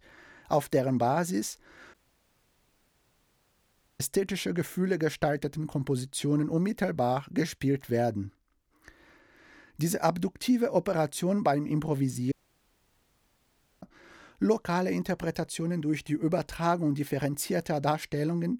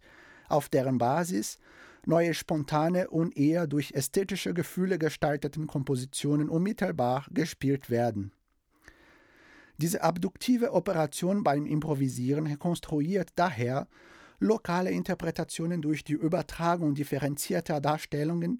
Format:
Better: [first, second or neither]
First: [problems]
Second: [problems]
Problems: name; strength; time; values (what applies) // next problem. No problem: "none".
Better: second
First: audio cutting out; at 2 s for 2 s and at 12 s for 1.5 s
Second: none